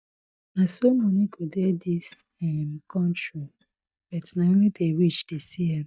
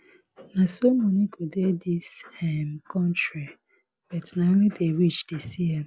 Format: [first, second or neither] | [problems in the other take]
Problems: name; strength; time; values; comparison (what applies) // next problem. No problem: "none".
second | noise reduction (neural mask model DeepFilterNet 3)